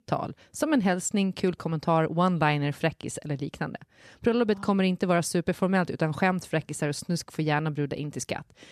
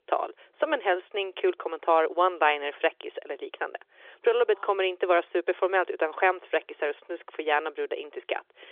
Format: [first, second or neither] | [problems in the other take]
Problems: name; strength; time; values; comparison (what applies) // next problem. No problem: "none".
first | phone-call audio